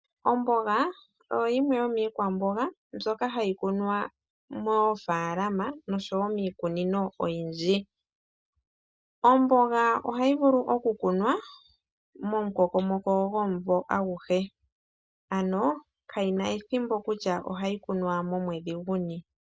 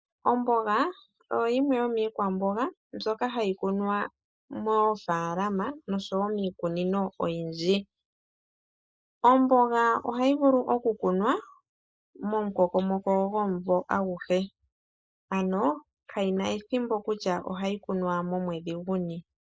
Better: first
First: none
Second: noise reduction (neural mask model Resemble Enhance denoiser)

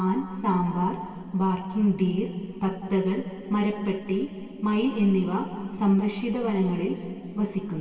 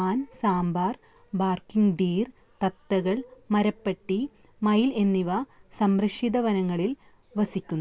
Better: second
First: room echo; dies away in 2.6 s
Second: none

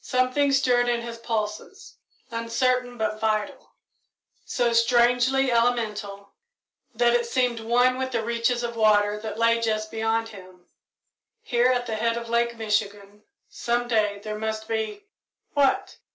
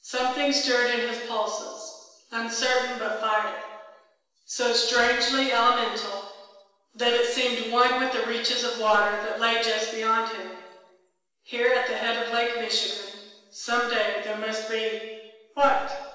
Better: first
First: none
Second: room echo; dies away in 1.1 s

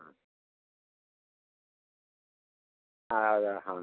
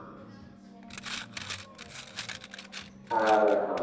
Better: first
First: none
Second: background sound (Coin (dropping)); 11 dB below the speech // room echo; dies away in 1.1 s

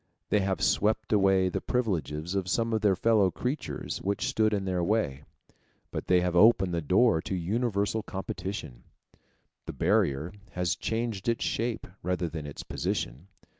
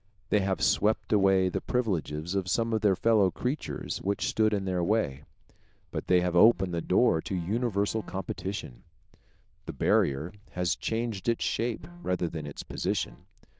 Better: first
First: none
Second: noise reduction (neural diffusion model UNIVERSE++)

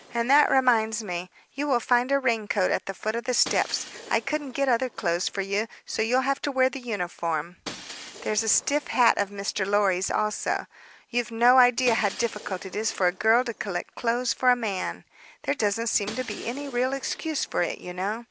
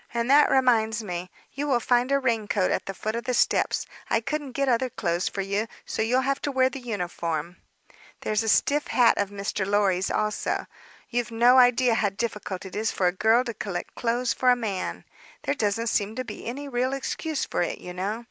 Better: second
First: background sound (Shatter); 20 dB below the speech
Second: none

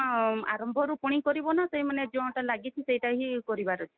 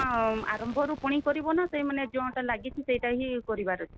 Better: first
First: none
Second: background sound (Explosion); 17 dB below the speech

